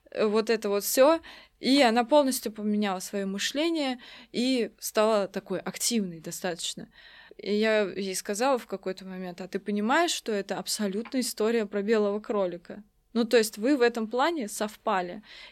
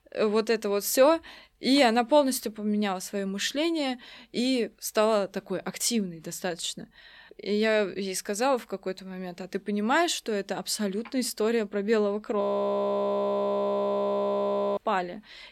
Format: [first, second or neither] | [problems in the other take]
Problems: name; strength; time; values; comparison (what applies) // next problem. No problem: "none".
first | audio freezing; at 12 s for 2.5 s